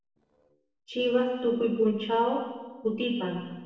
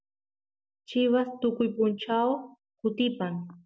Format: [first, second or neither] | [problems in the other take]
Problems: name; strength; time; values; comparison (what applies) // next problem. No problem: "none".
second | noise reduction (neural separator model SepFormer DNS4)